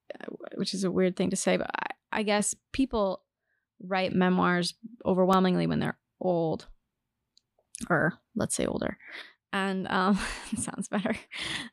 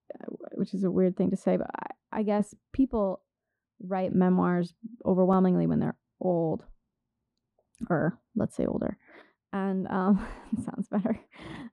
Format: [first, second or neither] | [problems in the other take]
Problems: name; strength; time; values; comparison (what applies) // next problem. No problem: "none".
first | muffled; very; fading above 1.5 kHz